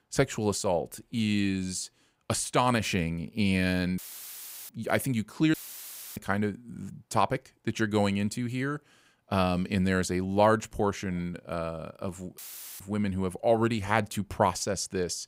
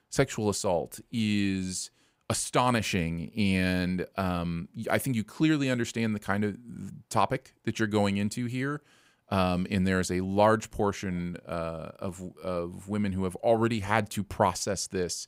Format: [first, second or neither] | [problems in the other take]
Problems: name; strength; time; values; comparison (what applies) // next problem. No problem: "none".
second | audio cutting out; filled with static; at 4 s for 0.5 s, at 5.5 s for 0.5 s and at 12 s